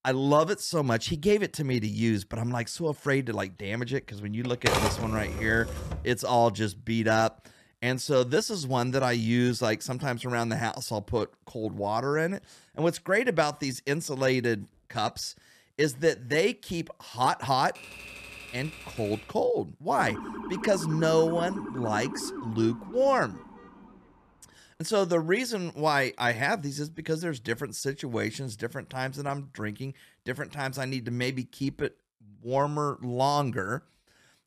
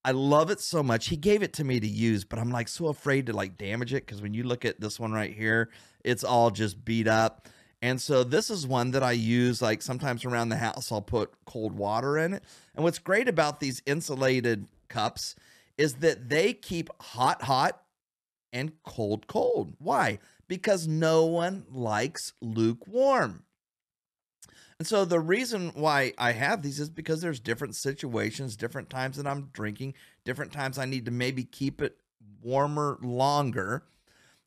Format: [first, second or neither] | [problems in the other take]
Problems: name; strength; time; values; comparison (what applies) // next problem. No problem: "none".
second | keyboard typing; loud; from 4.5 to 6 s; peak 3 dB above the speech // keyboard typing; faint; from 18 to 19 s; peak 15 dB below the speech // siren; noticeable; from 20 to 24 s; peak 8 dB below the speech